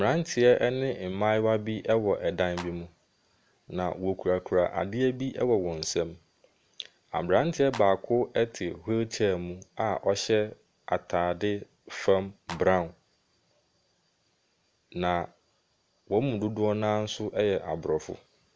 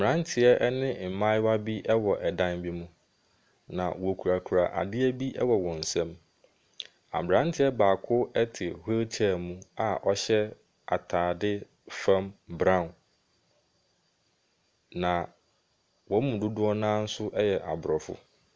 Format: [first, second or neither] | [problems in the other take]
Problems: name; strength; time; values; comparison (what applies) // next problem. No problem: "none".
second | background sound (Clapping); 15 dB below the speech